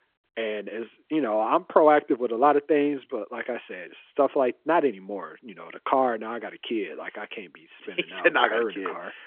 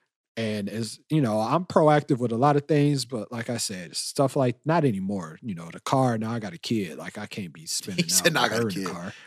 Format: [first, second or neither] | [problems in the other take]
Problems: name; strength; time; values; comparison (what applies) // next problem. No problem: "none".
second | phone-call audio